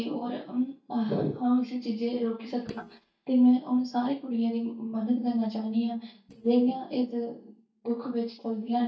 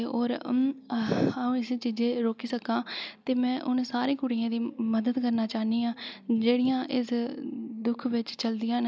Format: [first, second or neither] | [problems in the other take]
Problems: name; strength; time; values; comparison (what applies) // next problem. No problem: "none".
second | noise reduction (neural mask model DeepFilterNet 3)